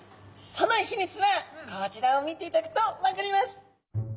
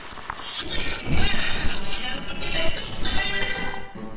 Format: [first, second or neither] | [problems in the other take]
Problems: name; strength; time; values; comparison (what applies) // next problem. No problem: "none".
first | noise reduction (neural separator model SepFormer WHAMR!)